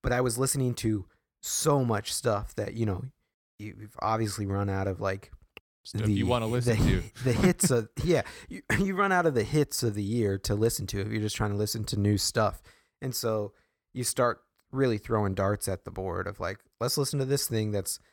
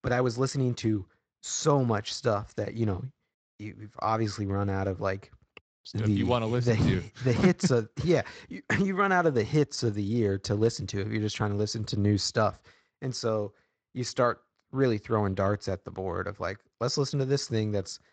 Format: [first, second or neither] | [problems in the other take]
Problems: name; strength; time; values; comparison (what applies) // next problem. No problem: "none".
first | garbled, watery; slightly; nothing above 7.5 kHz